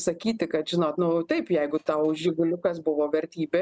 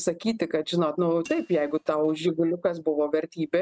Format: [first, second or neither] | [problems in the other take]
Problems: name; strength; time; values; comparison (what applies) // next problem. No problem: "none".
first | noise reduction (neural mask model RNNoise)